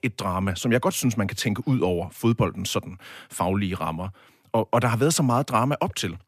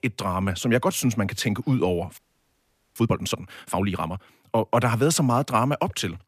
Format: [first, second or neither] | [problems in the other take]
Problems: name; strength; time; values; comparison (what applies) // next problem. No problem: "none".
first | audio freezing; at 2 s for 1 s